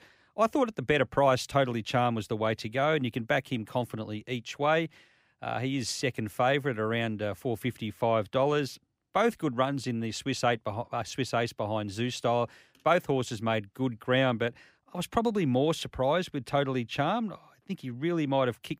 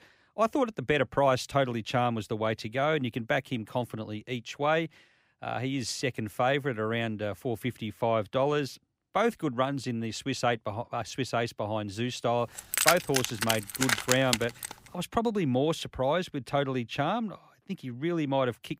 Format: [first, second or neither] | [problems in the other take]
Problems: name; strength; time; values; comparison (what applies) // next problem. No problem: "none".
first | jangling keys; loud; from 13 to 15 s; peak 5 dB above the speech